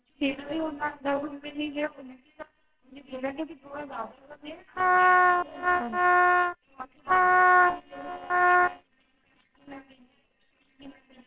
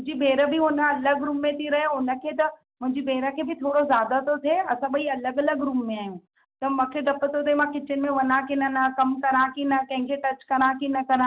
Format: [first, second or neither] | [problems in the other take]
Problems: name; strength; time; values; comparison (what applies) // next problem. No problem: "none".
second | noise reduction (neural separator model SepFormer WHAMR!)